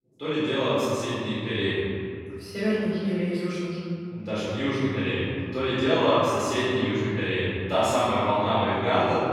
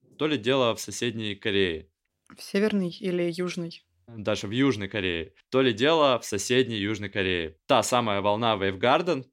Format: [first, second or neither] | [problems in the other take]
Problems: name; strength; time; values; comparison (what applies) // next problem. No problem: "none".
second | off-mic speech; far // room echo; strong; dies away in 2.8 s